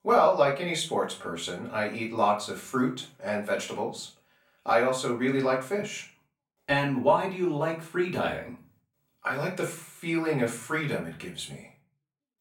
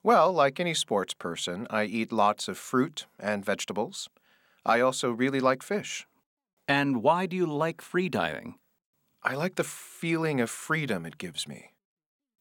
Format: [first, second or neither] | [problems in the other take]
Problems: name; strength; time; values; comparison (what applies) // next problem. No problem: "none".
second | room echo; slight; dies away in 0.3 s // off-mic speech; far